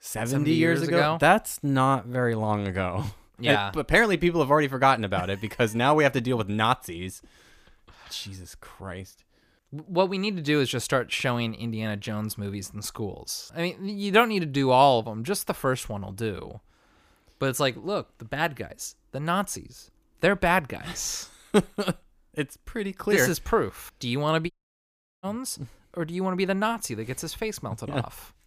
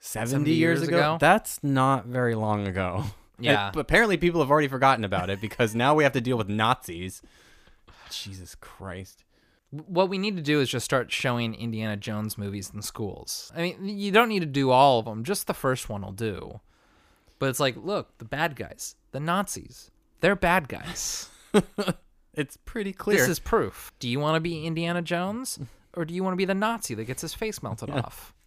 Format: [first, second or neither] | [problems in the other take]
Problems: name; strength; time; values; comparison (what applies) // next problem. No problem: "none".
second | audio cutting out; at 25 s for 0.5 s